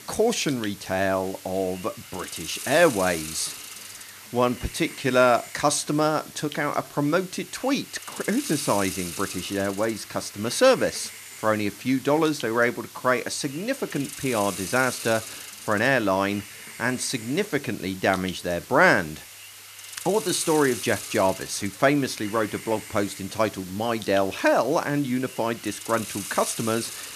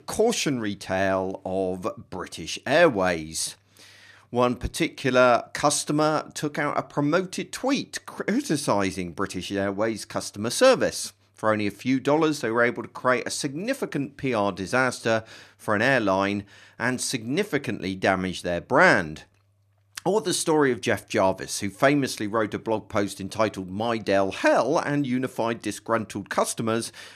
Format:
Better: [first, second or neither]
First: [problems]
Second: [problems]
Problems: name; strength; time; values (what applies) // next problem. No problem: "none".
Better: second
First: hiss; noticeable; throughout; 10 dB below the speech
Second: none